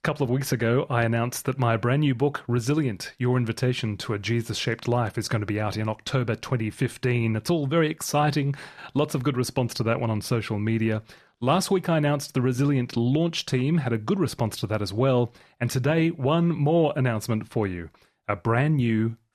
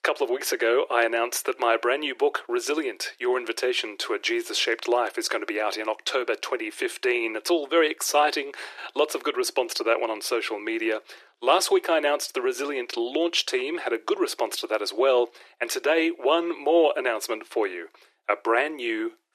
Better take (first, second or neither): first